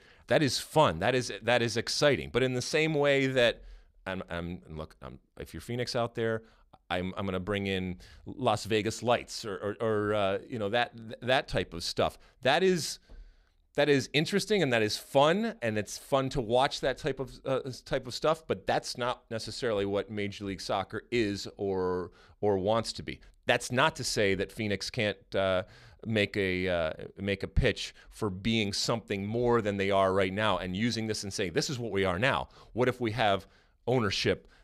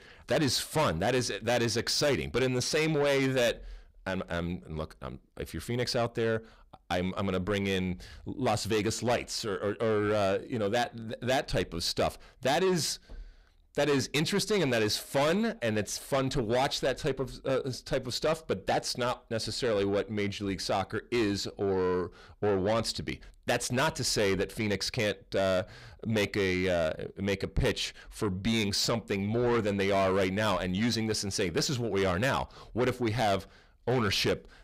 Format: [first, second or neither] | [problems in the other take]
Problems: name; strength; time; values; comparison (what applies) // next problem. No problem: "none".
first | distortion; heavy; 8 dB below the speech